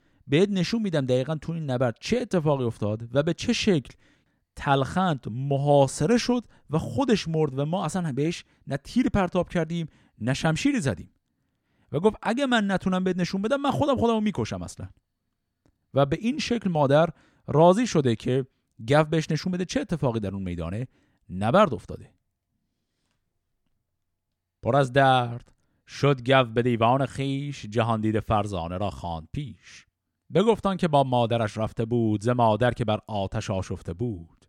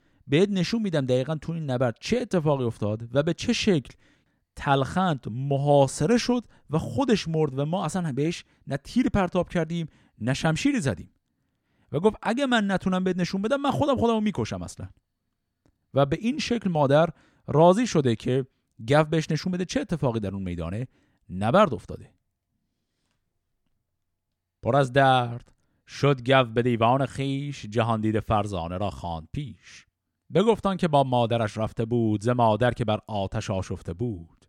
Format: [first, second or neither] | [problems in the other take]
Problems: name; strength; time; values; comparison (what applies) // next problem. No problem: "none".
neither | none